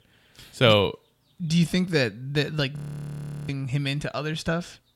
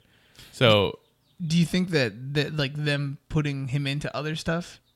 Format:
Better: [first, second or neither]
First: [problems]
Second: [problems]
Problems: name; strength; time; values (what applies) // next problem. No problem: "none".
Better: second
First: audio freezing; at 3 s for 0.5 s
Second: none